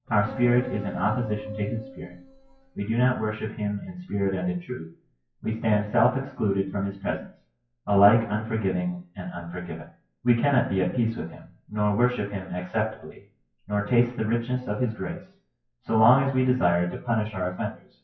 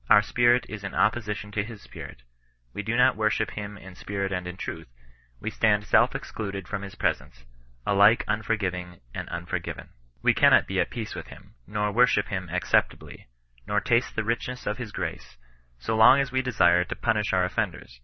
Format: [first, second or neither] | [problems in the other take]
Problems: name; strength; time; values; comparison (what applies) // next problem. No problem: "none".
second | noise reduction (classical method WPE with log-MMSE)